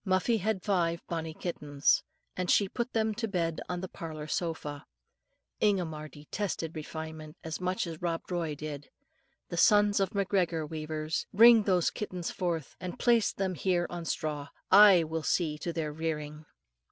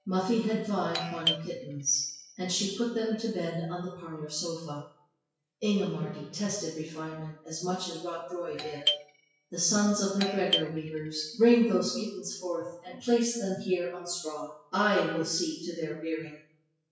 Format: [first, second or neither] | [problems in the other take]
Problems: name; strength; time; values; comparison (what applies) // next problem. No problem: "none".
first | noise reduction (classical method WPE with log-MMSE)